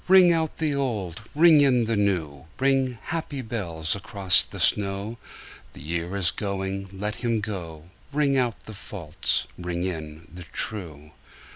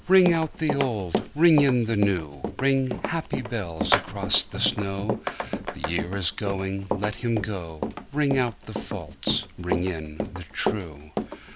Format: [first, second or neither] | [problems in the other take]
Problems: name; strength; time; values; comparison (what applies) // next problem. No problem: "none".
first | background sound (Run); 5 dB below the speech